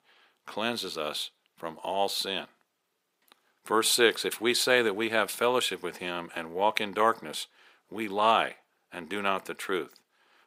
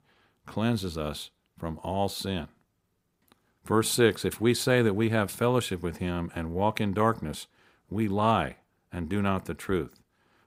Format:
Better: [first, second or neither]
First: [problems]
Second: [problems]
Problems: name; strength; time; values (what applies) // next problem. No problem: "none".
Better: second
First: thin; somewhat; fading below 450 Hz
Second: none